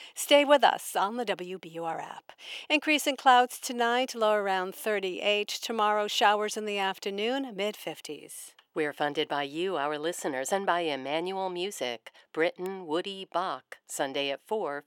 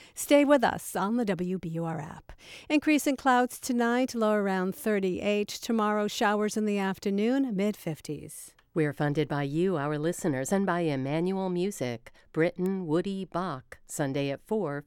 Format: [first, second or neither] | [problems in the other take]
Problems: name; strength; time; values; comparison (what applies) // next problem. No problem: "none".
second | thin; somewhat; fading below 400 Hz